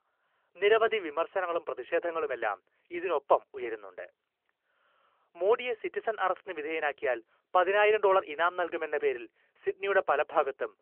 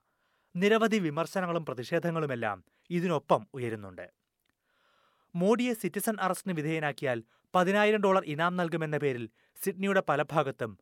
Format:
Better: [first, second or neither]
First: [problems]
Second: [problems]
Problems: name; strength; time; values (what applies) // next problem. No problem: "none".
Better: second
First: phone-call audio; nothing above 3 kHz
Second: none